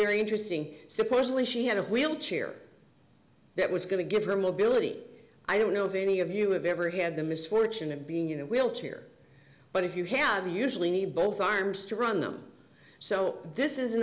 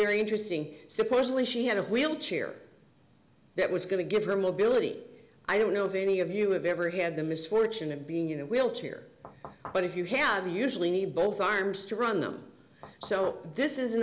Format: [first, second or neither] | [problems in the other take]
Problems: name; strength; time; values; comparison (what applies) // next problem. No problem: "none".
first | background sound (Knock / Wood); 16 dB below the speech